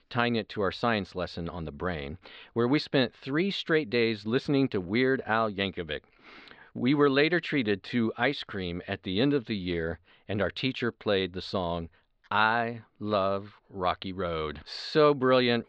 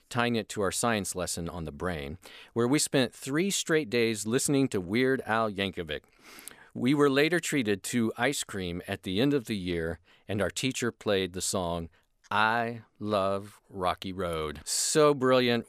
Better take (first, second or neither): second